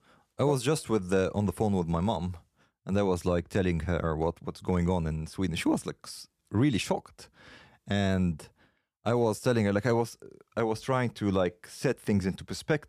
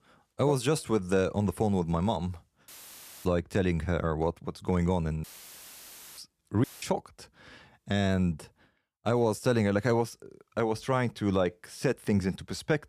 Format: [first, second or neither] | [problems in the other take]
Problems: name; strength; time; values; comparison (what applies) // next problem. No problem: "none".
first | audio cutting out; filled with static; at 2.5 s for 0.5 s, at 5 s for 1 s and at 6.5 s